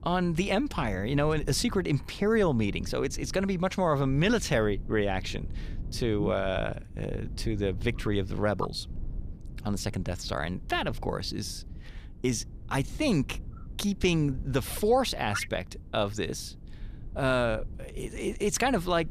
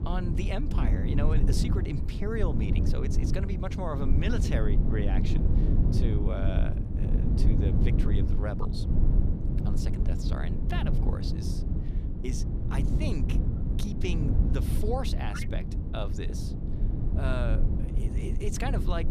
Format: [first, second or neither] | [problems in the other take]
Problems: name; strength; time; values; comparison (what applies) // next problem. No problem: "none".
first | low rumble; loud; throughout; 2 dB below the speech; faint in the first